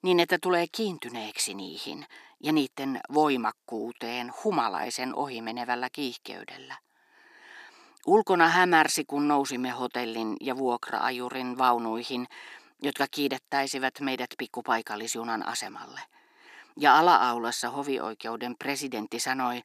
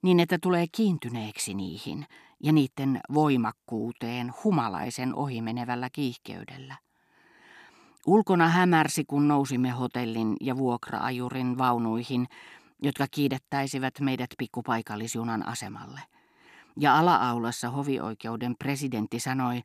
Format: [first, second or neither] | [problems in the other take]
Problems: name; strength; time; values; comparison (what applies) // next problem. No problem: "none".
second | thin; somewhat; fading below 450 Hz